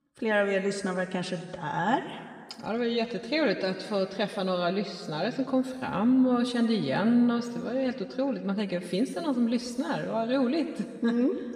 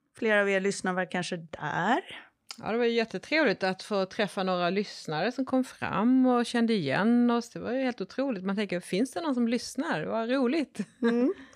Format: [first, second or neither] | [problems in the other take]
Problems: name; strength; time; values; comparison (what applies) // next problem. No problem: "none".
second | room echo; noticeable; dies away in 1.5 s // off-mic speech; somewhat distant